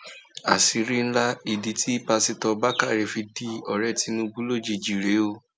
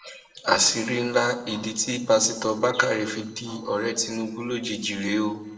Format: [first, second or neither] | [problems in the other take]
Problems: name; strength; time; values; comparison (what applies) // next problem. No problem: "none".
first | noise reduction (neural separator model SepFormer DNS4)